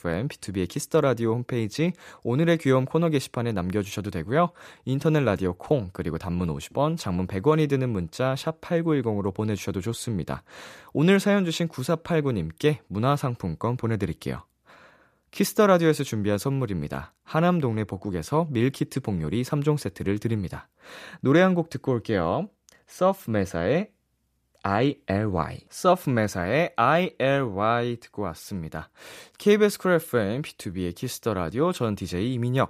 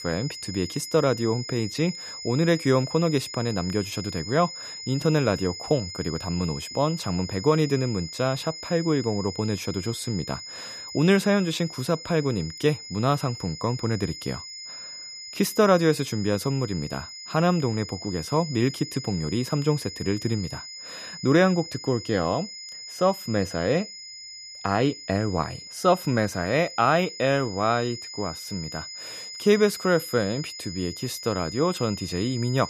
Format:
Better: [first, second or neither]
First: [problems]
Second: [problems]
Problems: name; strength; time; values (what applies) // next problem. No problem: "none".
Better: first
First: none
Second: high-pitched whine; noticeable; throughout; 5 kHz, 10 dB below the speech